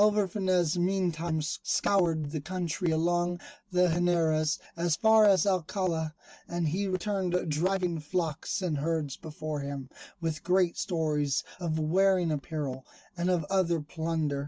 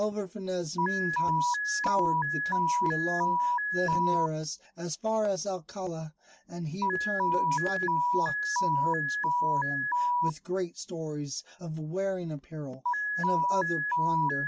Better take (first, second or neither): first